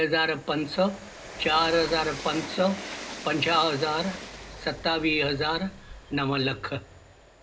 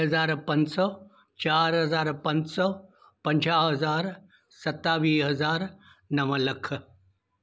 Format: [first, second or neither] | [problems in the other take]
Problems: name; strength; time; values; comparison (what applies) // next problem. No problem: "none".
second | background sound (Train); 13 dB below the speech // room echo; dies away in 0.2 s